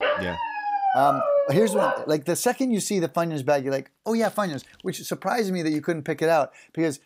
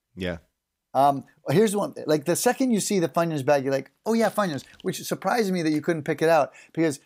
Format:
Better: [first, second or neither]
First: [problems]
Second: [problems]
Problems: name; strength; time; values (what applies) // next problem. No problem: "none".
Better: second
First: dog barking; loud; until 2 s; peak 3 dB above the speech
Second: none